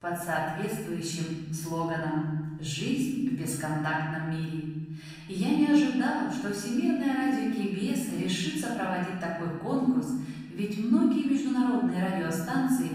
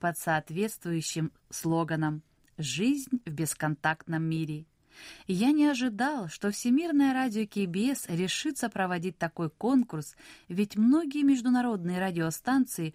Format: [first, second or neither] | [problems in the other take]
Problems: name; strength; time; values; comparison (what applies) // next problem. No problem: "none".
second | off-mic speech; far // room echo; noticeable; dies away in 1.3 s